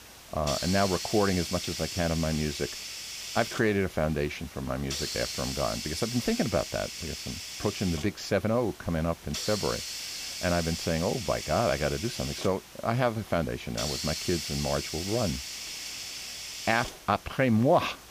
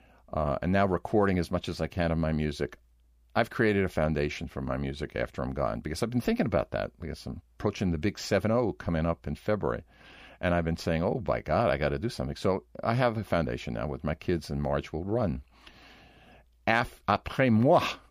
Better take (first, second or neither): second